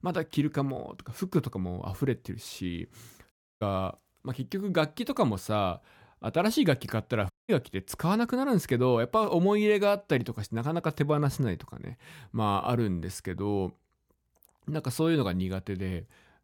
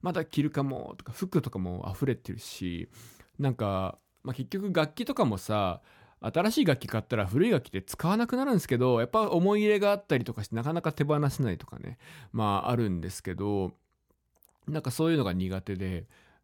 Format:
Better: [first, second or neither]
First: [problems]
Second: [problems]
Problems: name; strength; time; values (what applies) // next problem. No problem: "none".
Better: second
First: audio cutting out; at 3.5 s and at 7.5 s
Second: none